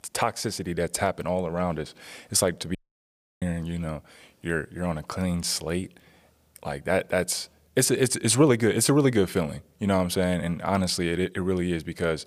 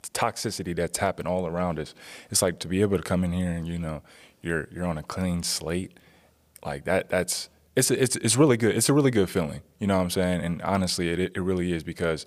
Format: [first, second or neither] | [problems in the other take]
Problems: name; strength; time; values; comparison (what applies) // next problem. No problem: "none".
second | audio cutting out; at 3 s for 0.5 s